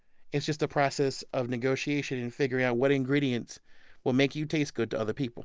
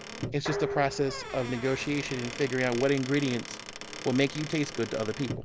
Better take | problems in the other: first | background sound (Squeak / Wood + Dishes, pots, and pans); 9 dB below the speech

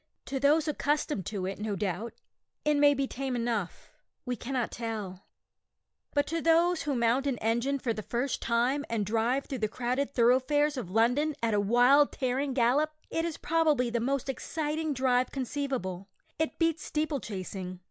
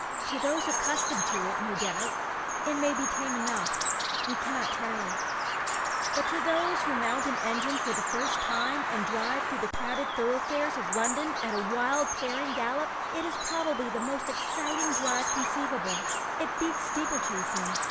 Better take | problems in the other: first | background sound (Bird vocalization, bird call, bird song); 3 dB above the speech

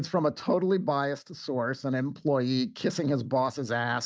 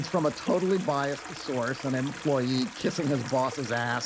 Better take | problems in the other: first | background sound (Stream); 13 dB below the speech

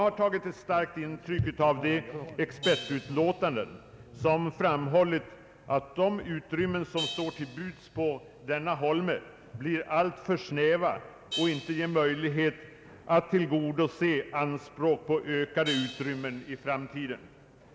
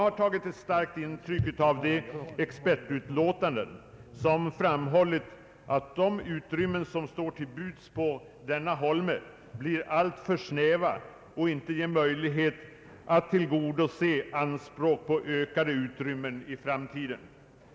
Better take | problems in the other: second | background sound (Crash cymbal); 16 dB below the speech

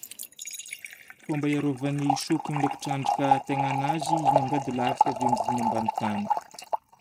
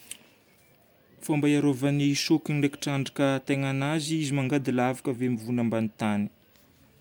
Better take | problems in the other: second | noise reduction (neural mask model RNNoise)

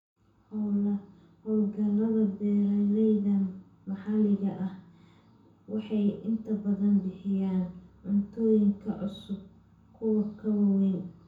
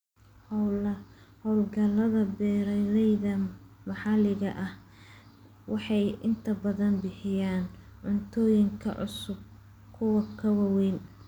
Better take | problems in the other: second | room echo; dies away in 0.6 s

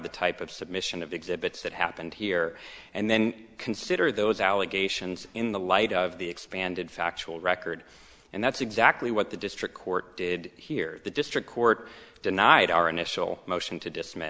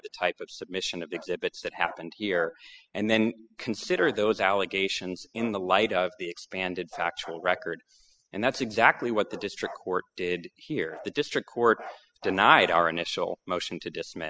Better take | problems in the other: first | noise reduction (classical method spectral subtraction)

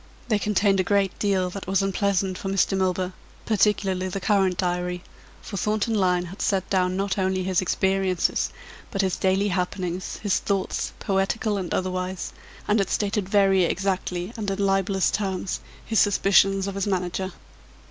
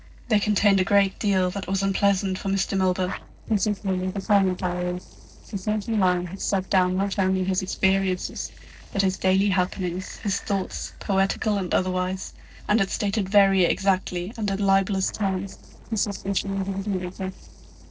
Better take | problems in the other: first | noise reduction (neural separator model SepFormer DNS4)

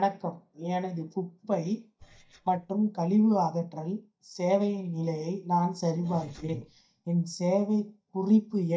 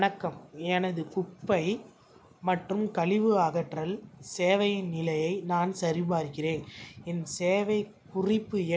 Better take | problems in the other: second | noise reduction (neural mask model DeepFilterNet 3)

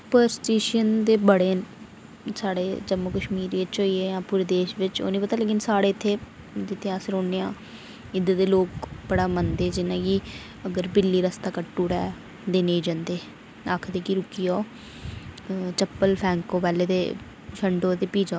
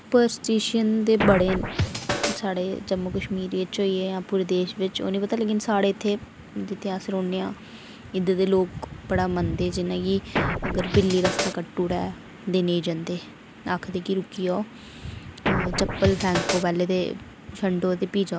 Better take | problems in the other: first | background sound (Scratching (performance technique)); 1 dB below the speech

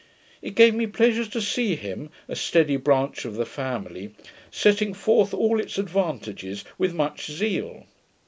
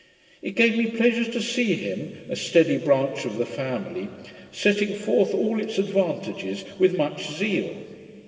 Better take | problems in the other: first | room echo; dies away in 2.5 s

